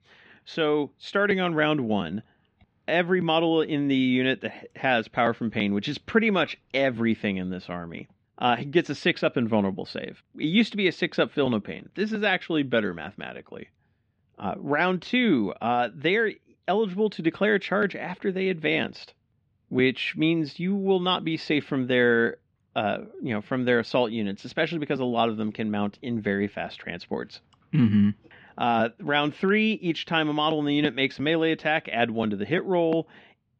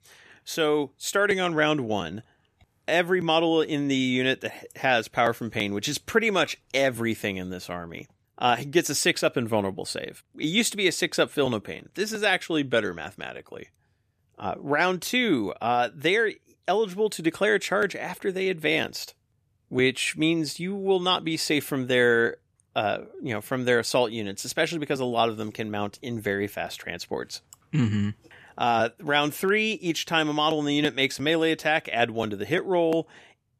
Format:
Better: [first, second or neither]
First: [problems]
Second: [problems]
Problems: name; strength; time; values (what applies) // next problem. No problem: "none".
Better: second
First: muffled; slightly; fading above 4 kHz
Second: none